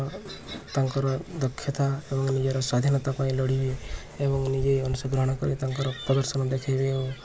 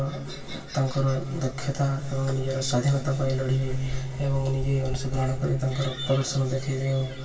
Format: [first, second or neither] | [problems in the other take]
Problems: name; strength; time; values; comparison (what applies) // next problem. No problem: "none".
first | room echo; dies away in 2.4 s